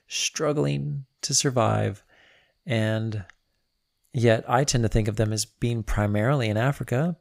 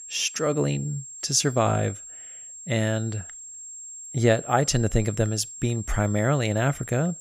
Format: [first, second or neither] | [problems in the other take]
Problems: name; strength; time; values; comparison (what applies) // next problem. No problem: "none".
first | high-pitched whine; noticeable; throughout; 7.5 kHz, 15 dB below the speech